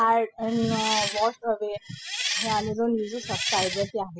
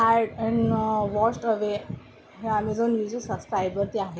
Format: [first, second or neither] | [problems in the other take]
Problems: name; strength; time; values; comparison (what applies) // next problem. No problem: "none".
second | noise reduction (classical method spectral subtraction)